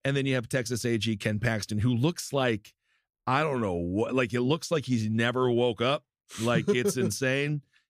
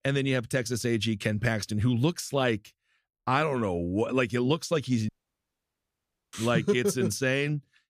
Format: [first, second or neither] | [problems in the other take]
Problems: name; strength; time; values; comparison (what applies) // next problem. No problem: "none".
first | audio cutting out; at 5 s for 1 s